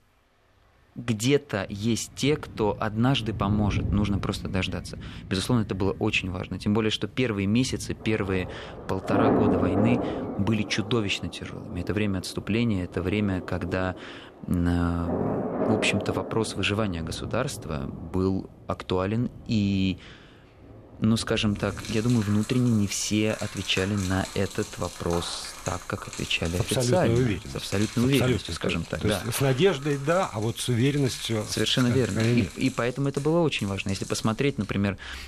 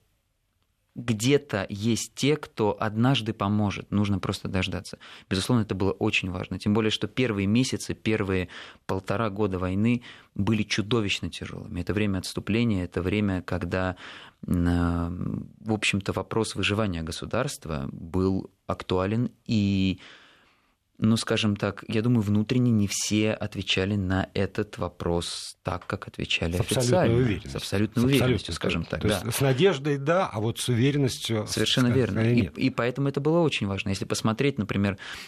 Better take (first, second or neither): second